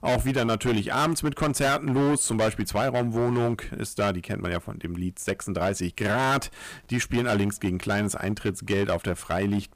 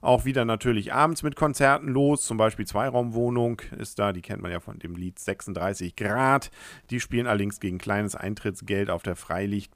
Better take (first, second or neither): second